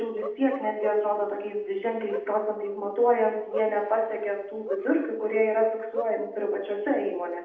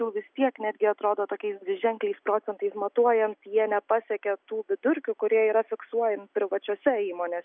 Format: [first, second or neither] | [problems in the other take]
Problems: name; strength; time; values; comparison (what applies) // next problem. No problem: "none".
second | noise reduction (neural separator model SepFormer DNS4)